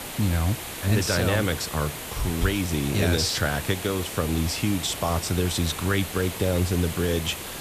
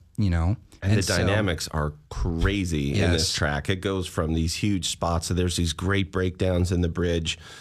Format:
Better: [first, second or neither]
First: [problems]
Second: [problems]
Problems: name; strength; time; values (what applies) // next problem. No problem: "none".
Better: second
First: hiss; loud; throughout; 8 dB below the speech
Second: none